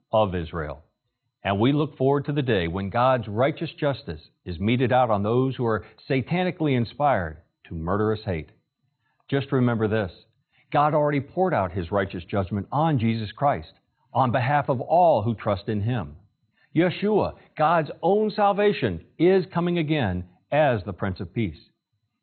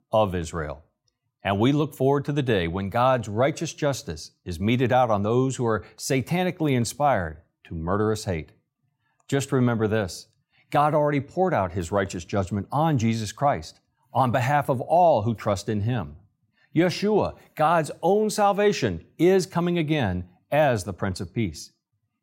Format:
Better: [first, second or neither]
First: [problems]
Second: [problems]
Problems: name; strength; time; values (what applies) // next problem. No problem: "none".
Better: second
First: garbled, watery; badly; nothing above 4 kHz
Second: none